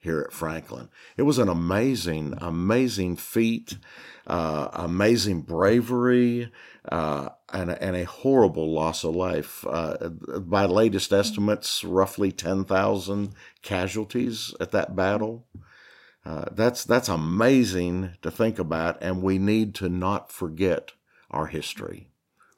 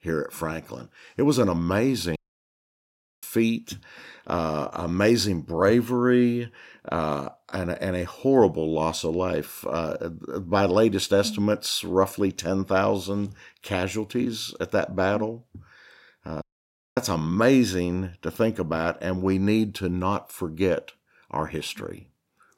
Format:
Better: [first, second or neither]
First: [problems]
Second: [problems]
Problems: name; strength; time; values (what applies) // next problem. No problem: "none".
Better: first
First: none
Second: audio cutting out; at 2 s for 1 s and at 16 s for 0.5 s